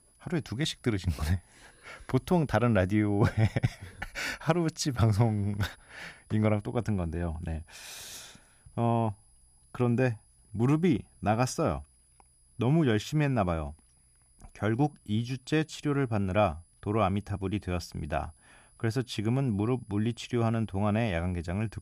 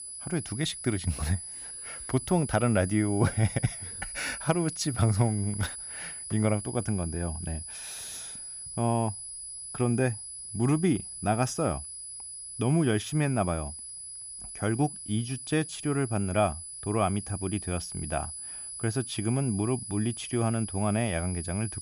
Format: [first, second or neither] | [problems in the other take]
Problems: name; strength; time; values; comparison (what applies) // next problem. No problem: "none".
first | high-pitched whine; loud; throughout; 10 kHz, 8 dB below the speech; faint in the first